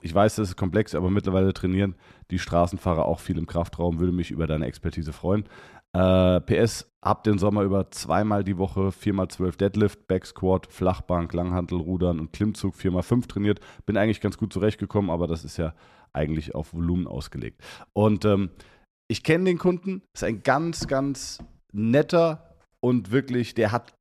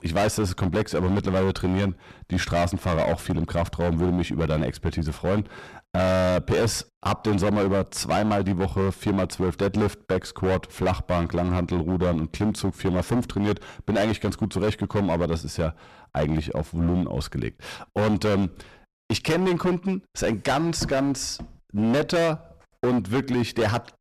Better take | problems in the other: first | distortion; heavy; 19% of the sound clipped

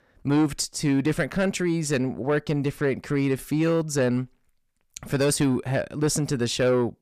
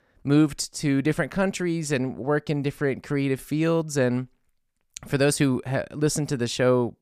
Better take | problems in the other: second | distortion; slight; 10 dB below the speech

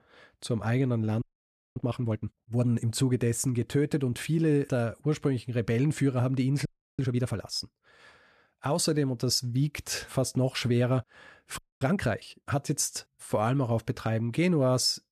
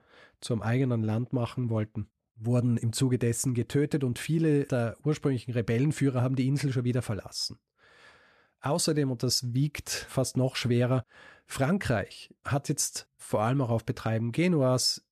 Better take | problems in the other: second | audio freezing; at 1 s for 0.5 s, at 6.5 s and at 12 s

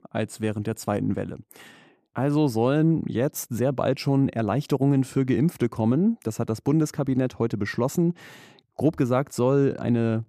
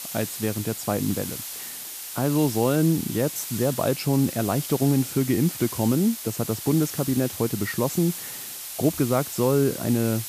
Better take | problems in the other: first | hiss; loud; throughout; 8 dB below the speech

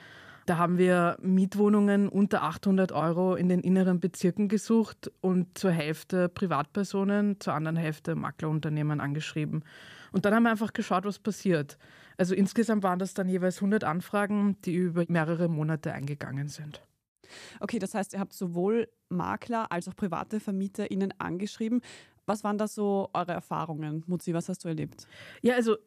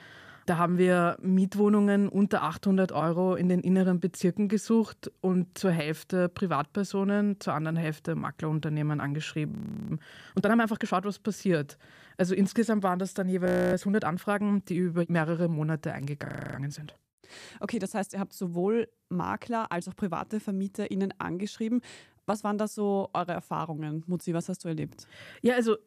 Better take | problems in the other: first | audio freezing; at 9.5 s, at 13 s and at 16 s

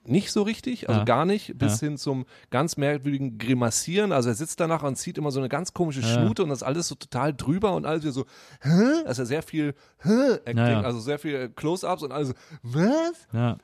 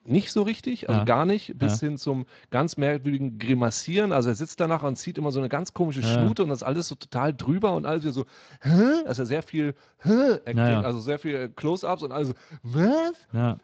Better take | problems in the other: first | garbled, watery; slightly; nothing above 7.5 kHz

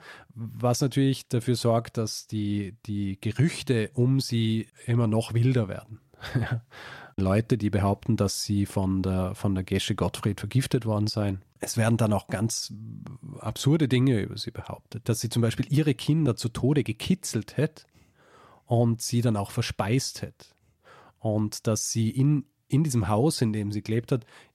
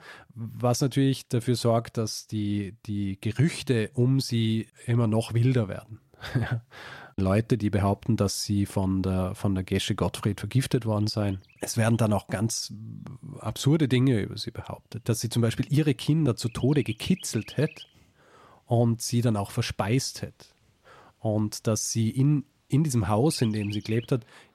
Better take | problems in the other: first | animal sounds; noticeable; throughout; 20 dB below the speech

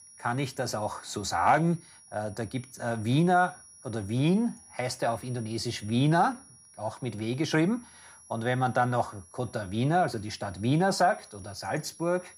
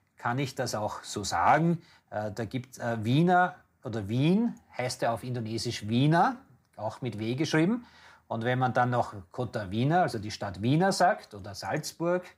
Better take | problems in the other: second | high-pitched whine; faint; throughout; 10.5 kHz, 20 dB below the speech

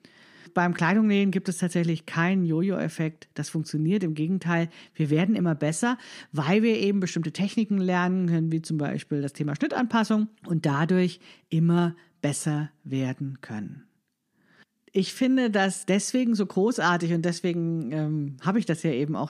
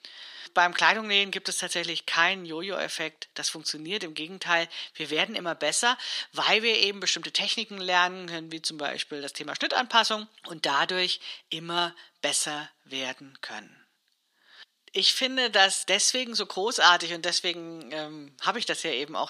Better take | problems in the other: first | thin; very; fading below 750 Hz

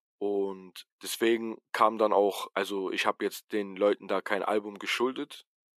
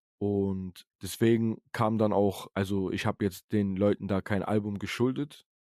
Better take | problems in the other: second | thin; somewhat; fading below 350 Hz

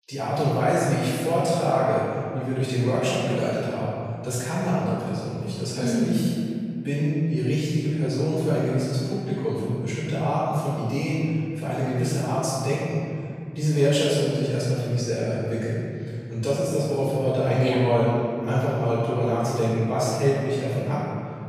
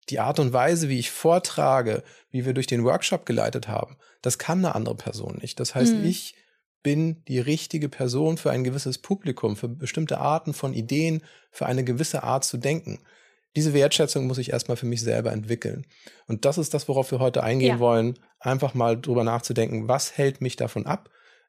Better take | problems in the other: second | room echo; strong; dies away in 2.4 s // off-mic speech; far

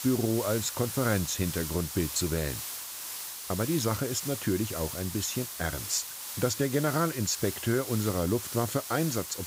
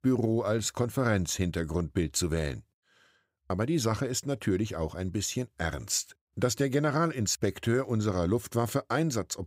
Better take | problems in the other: second | hiss; loud; throughout; 6 dB below the speech

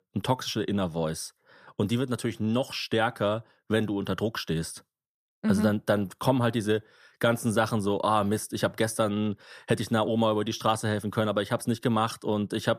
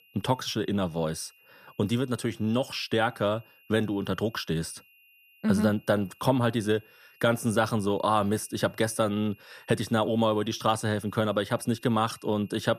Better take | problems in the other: first | high-pitched whine; faint; throughout; 3 kHz, 30 dB below the speech

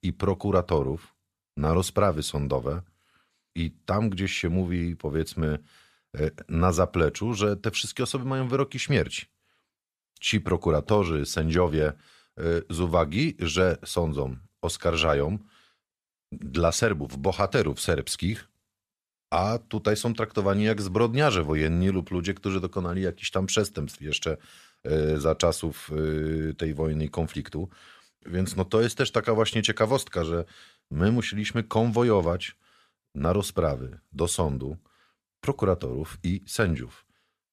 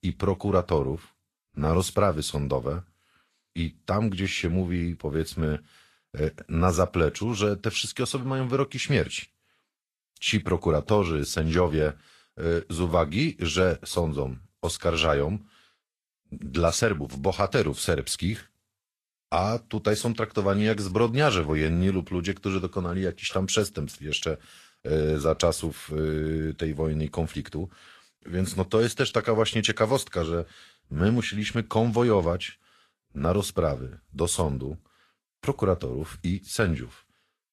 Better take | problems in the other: first | garbled, watery; slightly; nothing above 11.5 kHz

